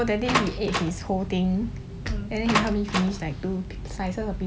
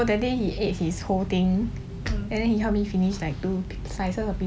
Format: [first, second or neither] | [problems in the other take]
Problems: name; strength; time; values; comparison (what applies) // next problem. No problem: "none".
second | background sound (Door); 6 dB below the speech